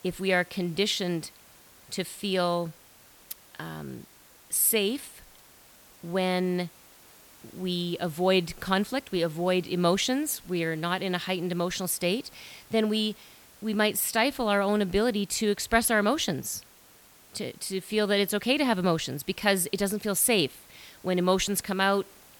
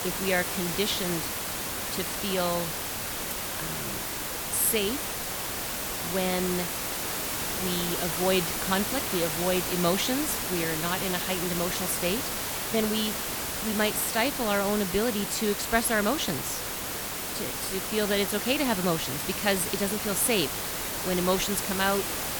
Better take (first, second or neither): first